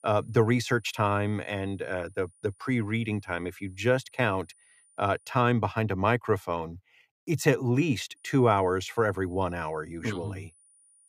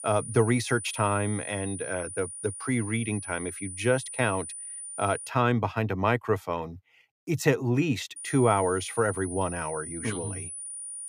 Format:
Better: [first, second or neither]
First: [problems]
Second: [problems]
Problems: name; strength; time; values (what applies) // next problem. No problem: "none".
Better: first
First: high-pitched whine; faint; until 5.5 s and from 8 s on; 9.5 kHz, 30 dB below the speech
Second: high-pitched whine; loud; until 5.5 s and from 8 s on; 9.5 kHz, 9 dB below the speech